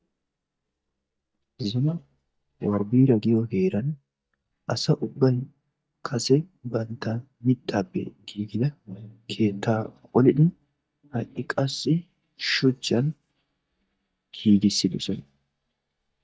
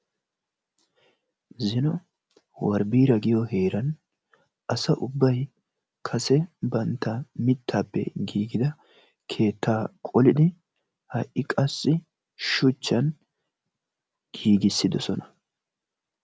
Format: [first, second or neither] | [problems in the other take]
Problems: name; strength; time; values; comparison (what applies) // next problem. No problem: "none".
second | noise reduction (neural mask model DeepFilterNet 3)